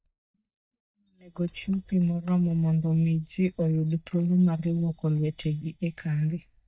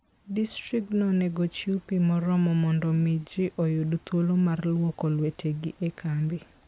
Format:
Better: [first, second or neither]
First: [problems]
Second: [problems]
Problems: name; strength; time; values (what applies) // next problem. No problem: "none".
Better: second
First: noise reduction (neural mask model DeepFilterNet 3)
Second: none